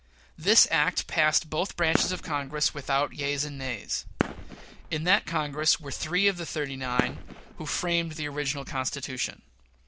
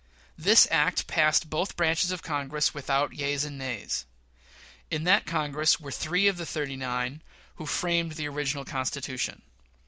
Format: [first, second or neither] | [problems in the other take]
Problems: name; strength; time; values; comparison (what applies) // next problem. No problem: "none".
second | background sound (Fireworks); 8 dB below the speech